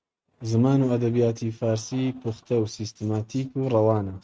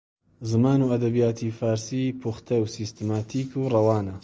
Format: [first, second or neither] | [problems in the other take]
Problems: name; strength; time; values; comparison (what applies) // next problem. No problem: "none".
second | noise reduction (neural mask model RNNoise)